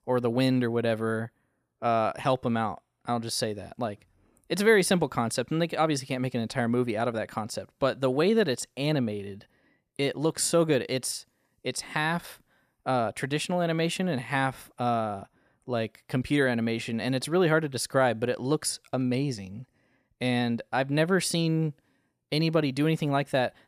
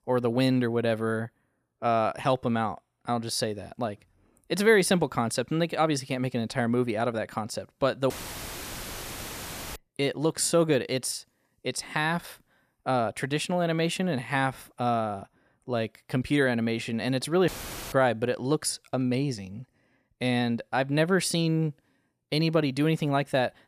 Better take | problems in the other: first | audio cutting out; filled with static; at 8 s for 1.5 s and at 17 s

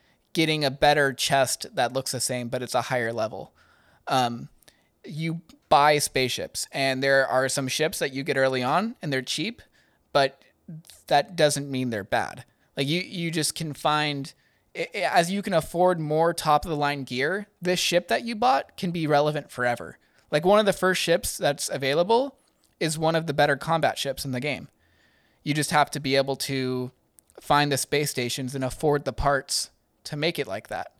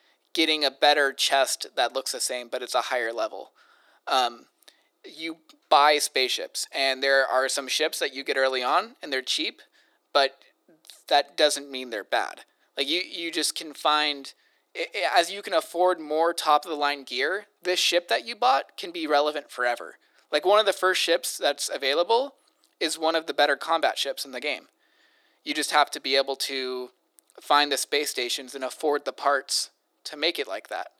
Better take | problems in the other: first | thin; somewhat; fading below 300 Hz

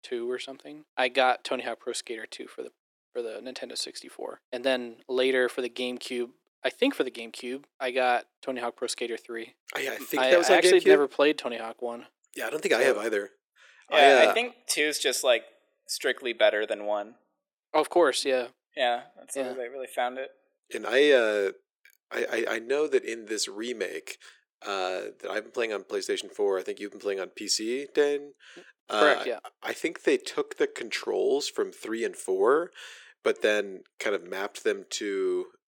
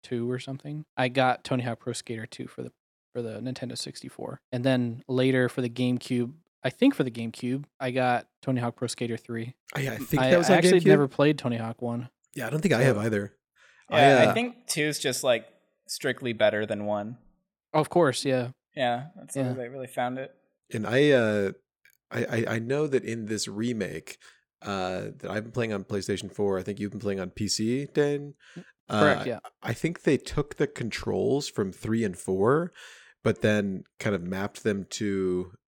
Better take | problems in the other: second | thin; somewhat; fading below 350 Hz

